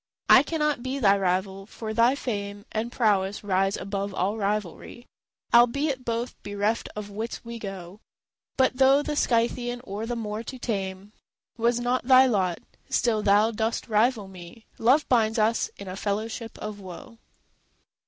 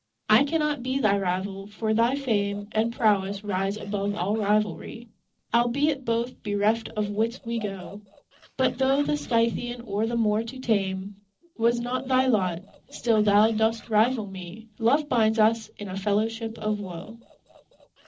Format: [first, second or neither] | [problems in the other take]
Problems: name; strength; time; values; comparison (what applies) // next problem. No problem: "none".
first | noise reduction (neural separator model SepFormer DNS4)